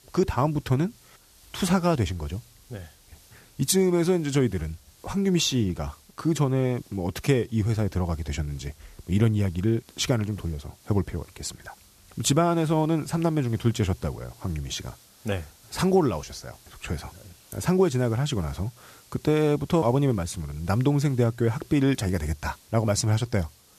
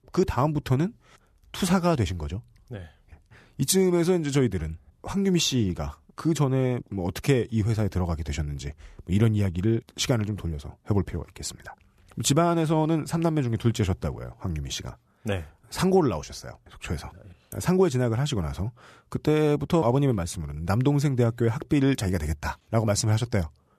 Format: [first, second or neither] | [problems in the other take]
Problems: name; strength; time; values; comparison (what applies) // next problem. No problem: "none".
second | hiss; faint; throughout; 25 dB below the speech